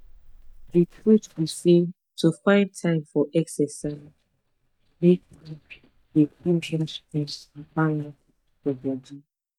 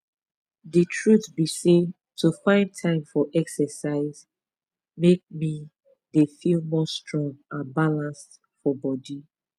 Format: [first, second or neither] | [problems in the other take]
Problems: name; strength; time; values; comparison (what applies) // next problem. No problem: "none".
second | noise reduction (neural mask model DeepFilterNet 3)